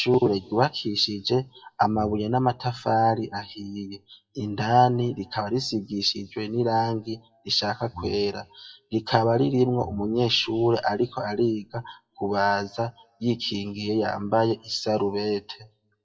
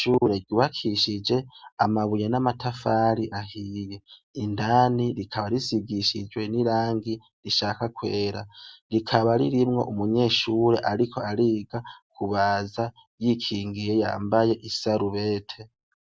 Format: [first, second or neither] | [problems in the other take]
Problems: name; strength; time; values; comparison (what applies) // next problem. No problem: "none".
second | noise reduction (classical method WPE with log-MMSE)